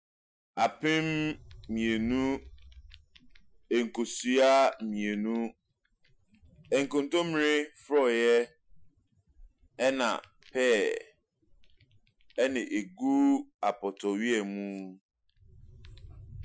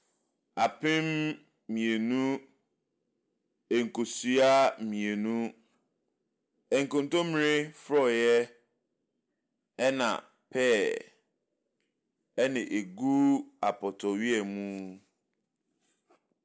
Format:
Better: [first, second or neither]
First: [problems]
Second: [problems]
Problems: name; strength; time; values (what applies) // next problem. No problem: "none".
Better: second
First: noise reduction (classical method Wiener filter)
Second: none